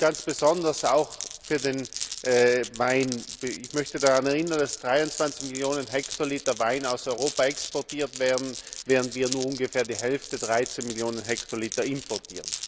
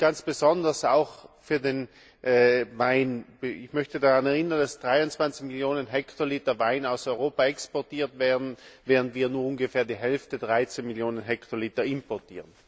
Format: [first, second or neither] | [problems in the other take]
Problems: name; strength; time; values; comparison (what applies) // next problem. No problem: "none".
second | background sound (Glass); 11 dB below the speech